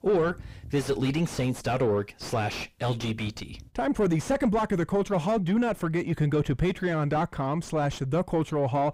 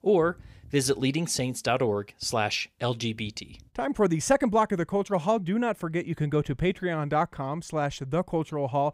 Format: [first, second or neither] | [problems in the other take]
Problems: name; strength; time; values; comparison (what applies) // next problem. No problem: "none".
second | distortion; heavy; 6 dB below the speech